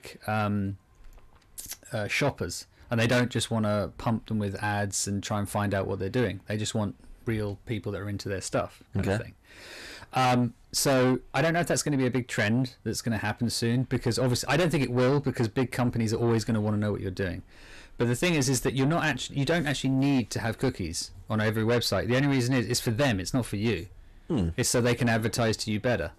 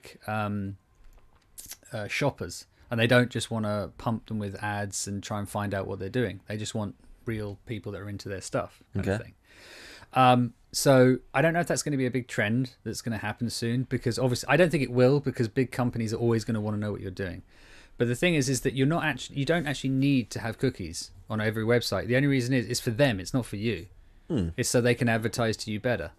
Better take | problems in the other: second | distortion; heavy; 8 dB below the speech

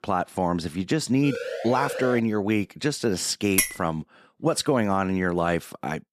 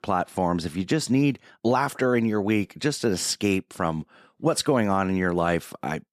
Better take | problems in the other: second | siren; noticeable; at 1 s; peak 6 dB below the speech // clattering dishes; loud; at 3.5 s; peak 2 dB above the speech

